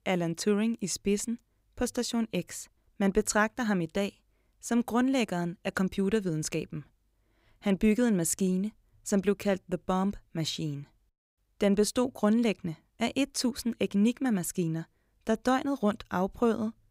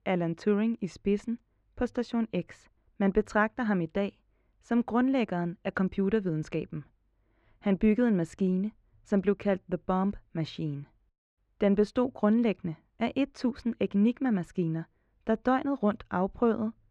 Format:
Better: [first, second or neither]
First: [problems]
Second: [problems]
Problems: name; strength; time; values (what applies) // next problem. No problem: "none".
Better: first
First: none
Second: muffled; very; fading above 2 kHz